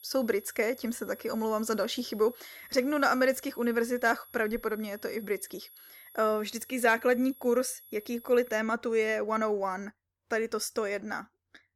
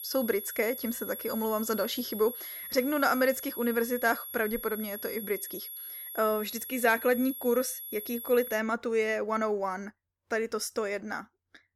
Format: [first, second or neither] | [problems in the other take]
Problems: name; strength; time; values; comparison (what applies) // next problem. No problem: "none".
first | high-pitched whine; loud; until 8.5 s; 11.5 kHz, 8 dB below the speech; faint in the first